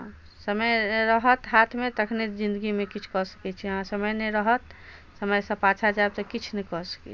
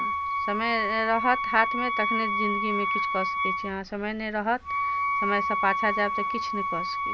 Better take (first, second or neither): first